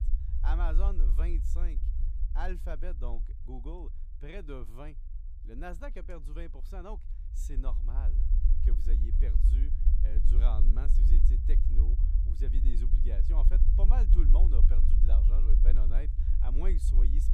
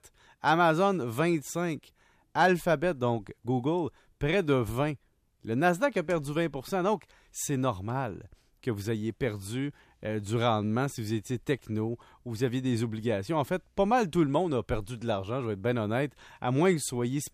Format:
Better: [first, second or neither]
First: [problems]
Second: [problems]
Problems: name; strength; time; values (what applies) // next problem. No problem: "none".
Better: second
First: low rumble; loud; throughout; 5 dB below the speech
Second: none